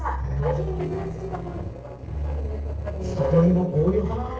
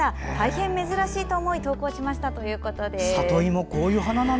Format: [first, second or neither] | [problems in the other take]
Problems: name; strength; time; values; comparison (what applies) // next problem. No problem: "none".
second | noise reduction (neural separator model SepFormer DNS4)